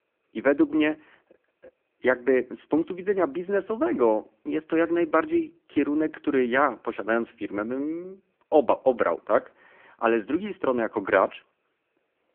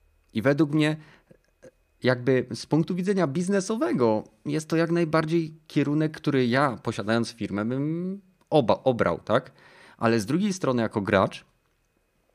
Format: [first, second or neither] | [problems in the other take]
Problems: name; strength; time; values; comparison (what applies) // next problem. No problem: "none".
second | phone-call audio; poor line